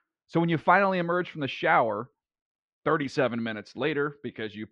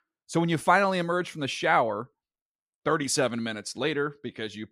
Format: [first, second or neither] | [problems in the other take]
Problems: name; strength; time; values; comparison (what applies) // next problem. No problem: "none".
second | muffled; slightly; fading above 3 kHz